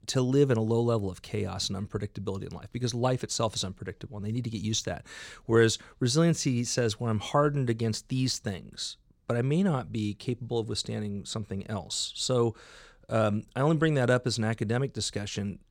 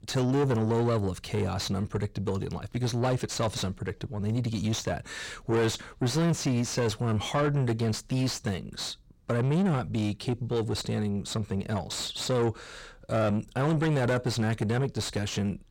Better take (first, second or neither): first